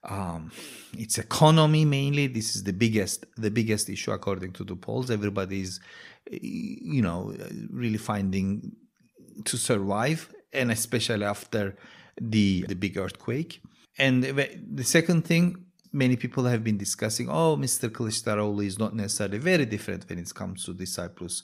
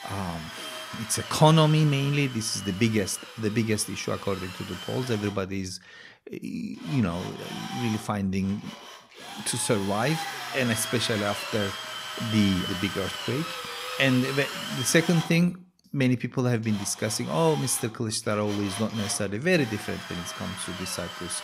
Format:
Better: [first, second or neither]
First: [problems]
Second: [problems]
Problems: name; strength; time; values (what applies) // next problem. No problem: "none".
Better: first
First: none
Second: machinery noise; loud; throughout; 9 dB below the speech